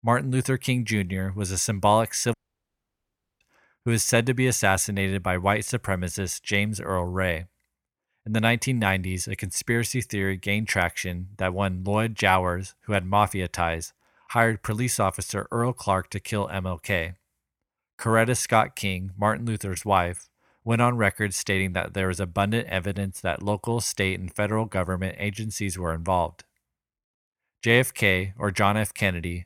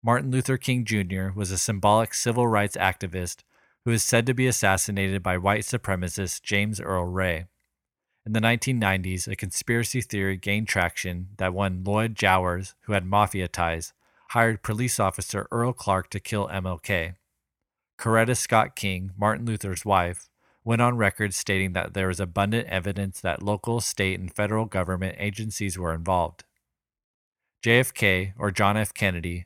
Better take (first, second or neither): second